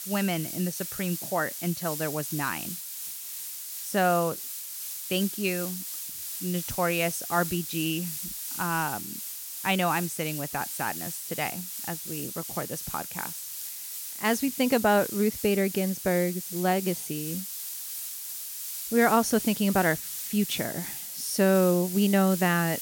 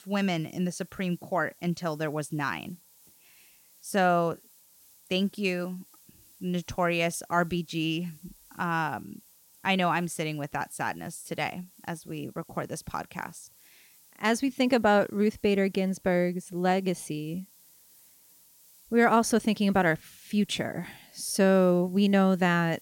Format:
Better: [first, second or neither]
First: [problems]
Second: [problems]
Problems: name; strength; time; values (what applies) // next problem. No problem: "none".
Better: second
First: hiss; loud; throughout; 6 dB below the speech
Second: hiss; faint; throughout; 25 dB below the speech